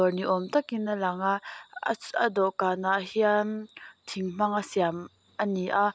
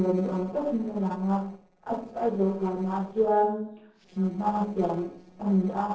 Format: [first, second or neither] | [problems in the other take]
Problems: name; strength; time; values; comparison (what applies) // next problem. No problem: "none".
first | noise reduction (neural separator model SepFormer DNS4)